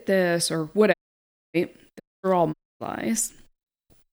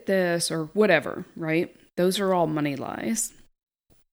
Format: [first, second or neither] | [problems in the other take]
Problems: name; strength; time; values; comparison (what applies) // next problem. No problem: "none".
second | audio cutting out; at 1 s for 0.5 s, at 2 s and at 2.5 s